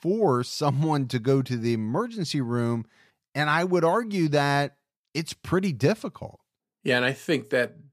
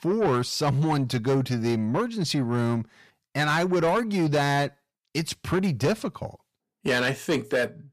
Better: first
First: none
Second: distortion; slight; 10 dB below the speech

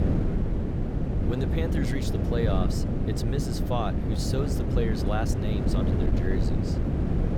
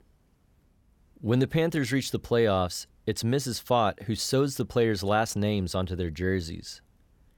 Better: second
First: wind noise on the microphone; heavy; 1 dB below the speech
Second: none

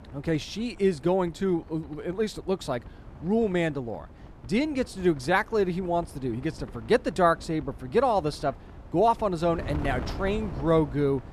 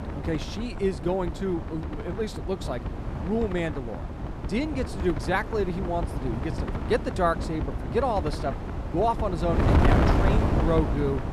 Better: first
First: wind noise on the microphone; occasional gusts; 20 dB below the speech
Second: wind noise on the microphone; heavy; 4 dB below the speech

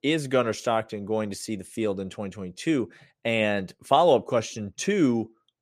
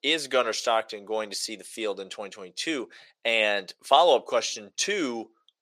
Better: first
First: none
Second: thin; somewhat; fading below 500 Hz

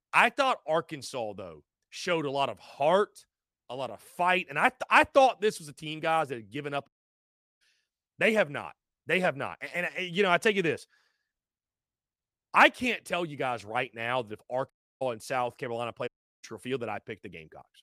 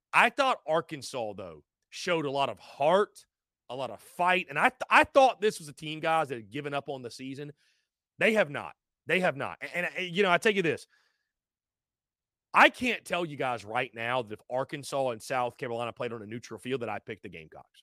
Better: second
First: audio cutting out; at 7 s for 0.5 s, at 15 s and at 16 s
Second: none

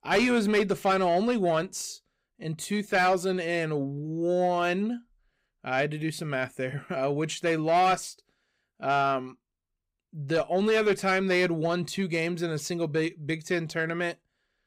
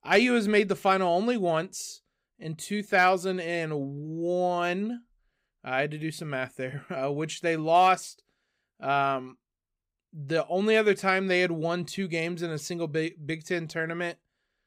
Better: second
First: distortion; slight; 10 dB below the speech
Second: none

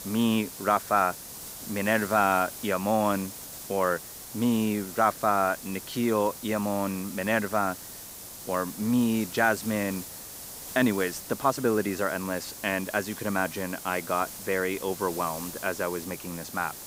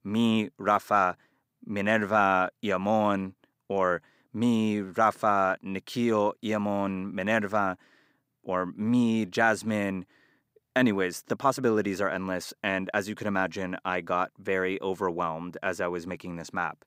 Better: second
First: hiss; noticeable; throughout; 10 dB below the speech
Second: none

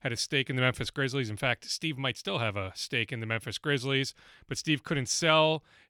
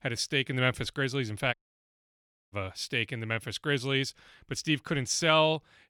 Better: first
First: none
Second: audio cutting out; at 1.5 s for 1 s

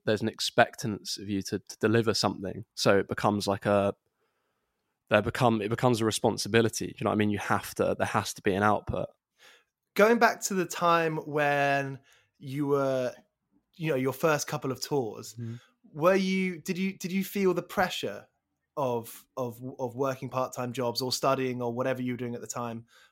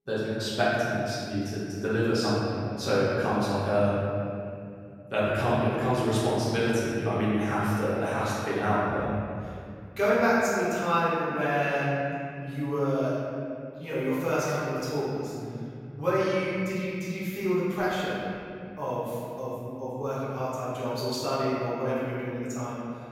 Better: first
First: none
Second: room echo; strong; dies away in 2.9 s // off-mic speech; far

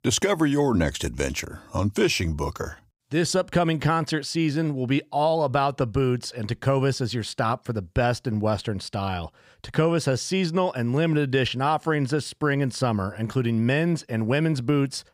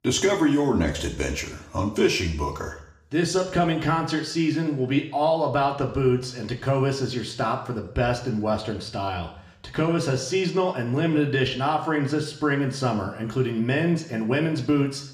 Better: first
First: none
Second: room echo; slight; dies away in 0.7 s // off-mic speech; somewhat distant

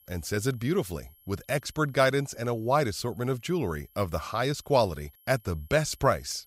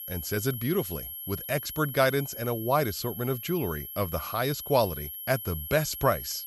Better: first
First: high-pitched whine; faint; throughout; 11.5 kHz, 30 dB below the speech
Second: high-pitched whine; loud; throughout; 11.5 kHz, 8 dB below the speech

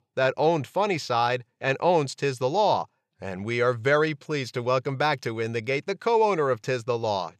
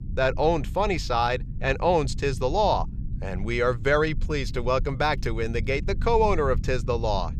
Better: first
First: none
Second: low rumble; faint; throughout; 20 dB below the speech

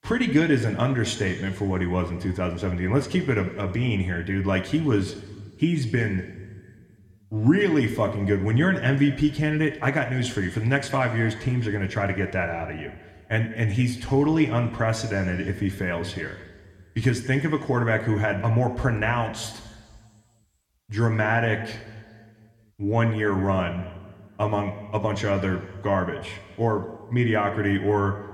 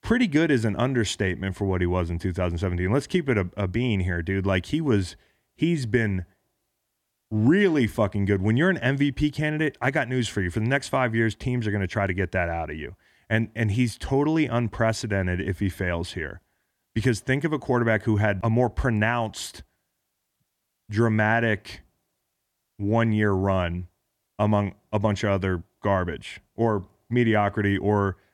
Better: second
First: room echo; slight; dies away in 1.3 s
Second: none

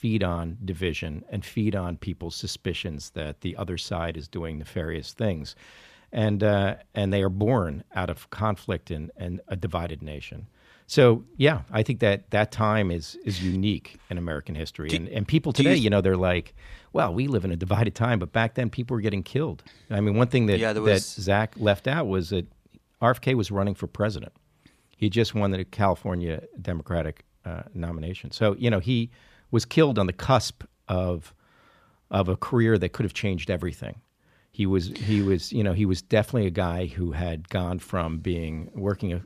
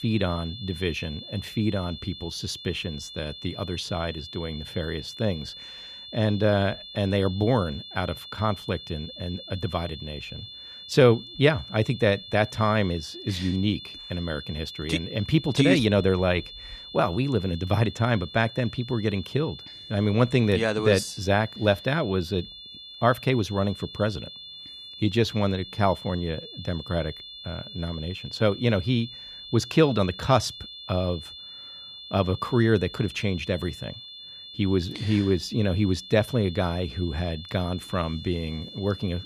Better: first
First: none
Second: high-pitched whine; noticeable; throughout; 3.5 kHz, 15 dB below the speech

